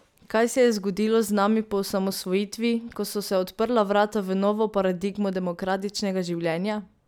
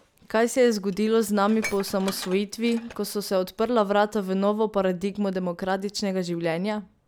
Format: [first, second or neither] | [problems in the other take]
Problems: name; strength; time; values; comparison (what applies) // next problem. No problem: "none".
first | background sound (Dishes, pots, and pans); 16 dB below the speech